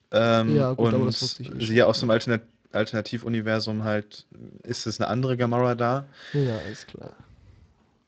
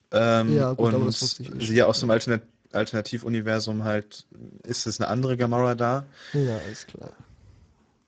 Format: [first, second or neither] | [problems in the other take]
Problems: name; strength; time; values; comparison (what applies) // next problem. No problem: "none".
first | garbled, watery; badly; nothing above 7.5 kHz; slightly in the first